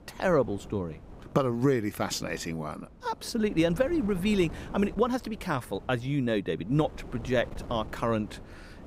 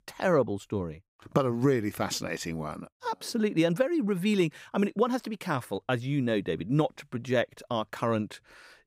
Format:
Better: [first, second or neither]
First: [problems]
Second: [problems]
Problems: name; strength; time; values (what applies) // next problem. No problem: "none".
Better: second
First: wind noise on the microphone; occasional gusts; 20 dB below the speech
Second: none